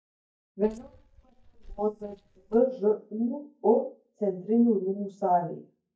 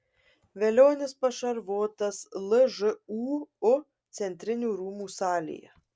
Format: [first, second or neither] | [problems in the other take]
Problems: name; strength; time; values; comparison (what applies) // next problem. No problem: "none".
second | noise reduction (neural mask model DeepFilterNet 3)